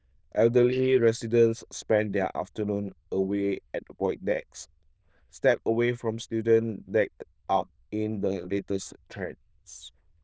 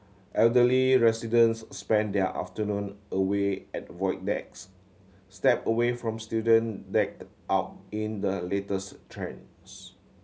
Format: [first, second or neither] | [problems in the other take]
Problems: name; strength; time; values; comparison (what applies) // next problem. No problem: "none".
second | noise reduction (neural diffusion model UNIVERSE++)